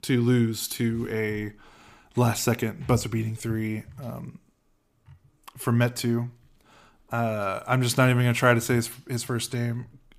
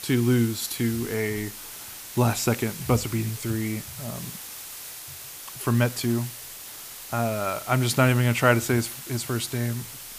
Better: first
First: none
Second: hiss; noticeable; throughout; 10 dB below the speech

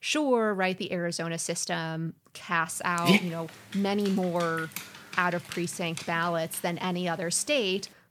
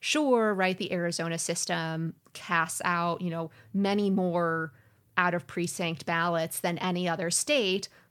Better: second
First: dog barking; loud; from 3 to 6 s; peak 5 dB above the speech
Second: none

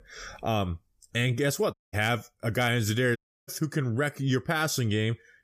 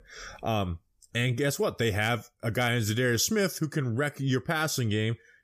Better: second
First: audio cutting out; at 1.5 s and at 3 s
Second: none

